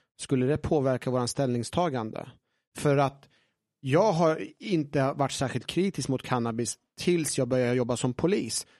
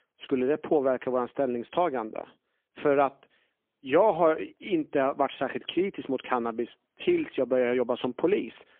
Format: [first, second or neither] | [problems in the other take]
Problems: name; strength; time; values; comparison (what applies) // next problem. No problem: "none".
first | phone-call audio; poor line; nothing above 3.5 kHz